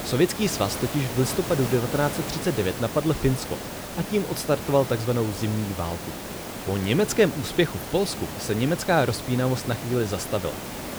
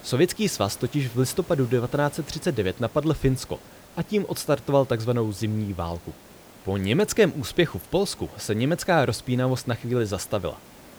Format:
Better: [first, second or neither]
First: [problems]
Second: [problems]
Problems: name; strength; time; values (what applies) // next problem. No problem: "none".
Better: second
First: hiss; loud; throughout; 8 dB below the speech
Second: hiss; faint; throughout; 20 dB below the speech